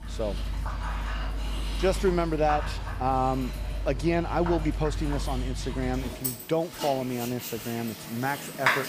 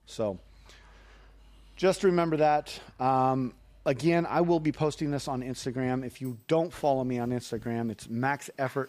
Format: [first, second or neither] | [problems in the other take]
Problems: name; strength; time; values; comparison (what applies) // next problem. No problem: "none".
second | animal sounds; loud; throughout; 4 dB below the speech; faint in the second